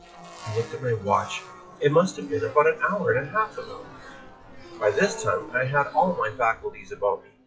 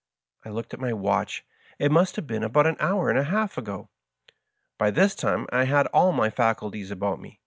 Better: second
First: noise reduction (classical method WPE with log-MMSE)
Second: none

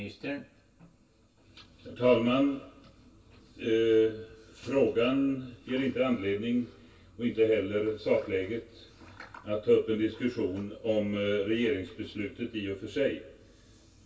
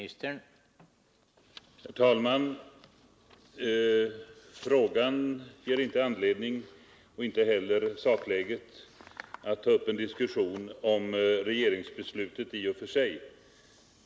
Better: second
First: room echo; dies away in 0.2 s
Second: none

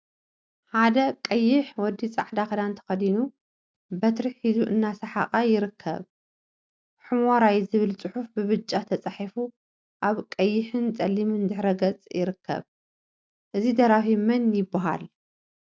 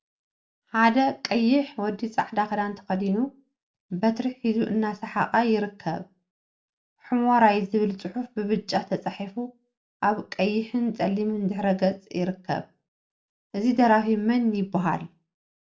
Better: first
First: none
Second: room echo; dies away in 0.3 s

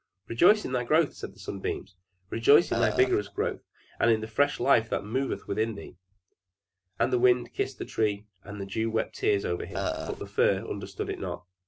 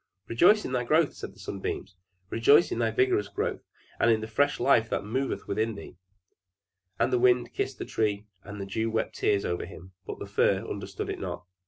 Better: second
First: background sound (Burping, eructation); 4 dB below the speech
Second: none

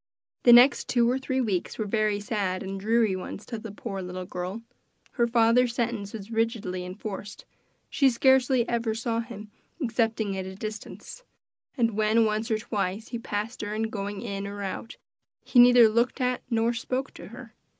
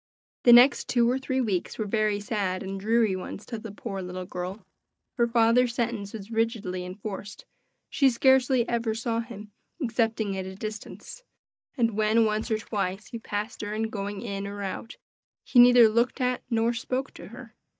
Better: first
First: none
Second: noise reduction (neural mask model DeepFilterNet 3)

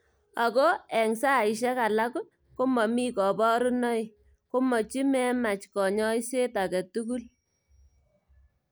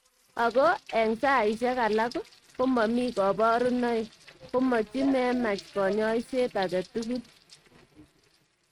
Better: first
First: none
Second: noise reduction (neural mask model RNNoise)

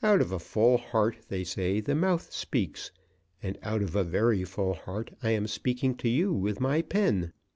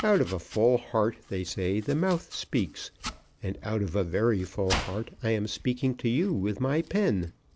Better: first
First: none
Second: background sound (Domestic sounds, home sounds); 14 dB below the speech

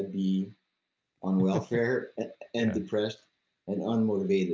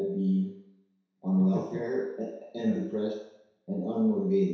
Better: first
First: none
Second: room echo; dies away in 0.7 s

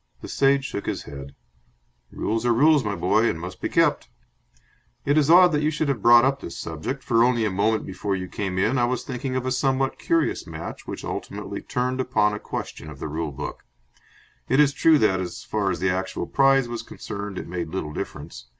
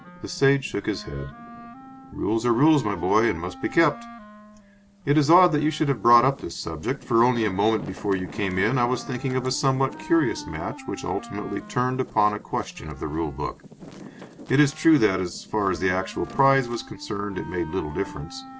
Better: first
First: none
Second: background sound (Wind + Wind instrument, woodwind instrument); 17 dB below the speech

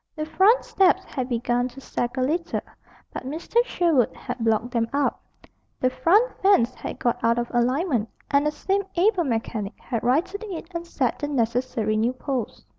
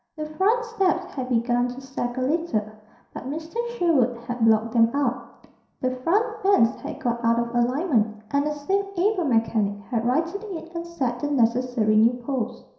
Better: first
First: none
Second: room echo; dies away in 0.7 s

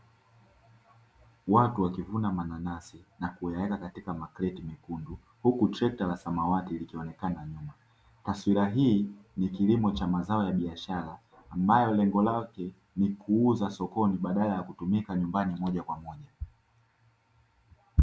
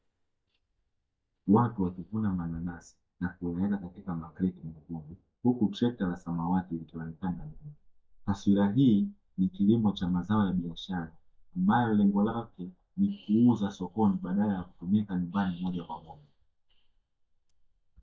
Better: first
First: none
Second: noise reduction (neural mask model DeepFilterNet 3)

